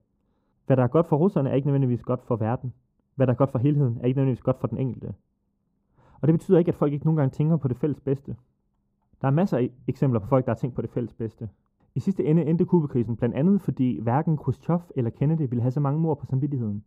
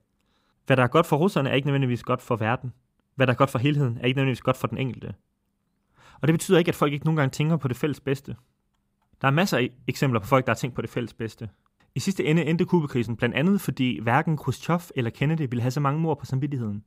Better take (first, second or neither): second